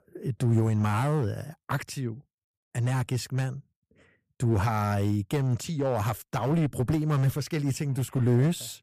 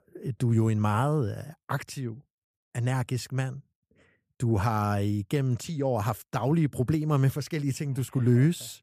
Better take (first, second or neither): second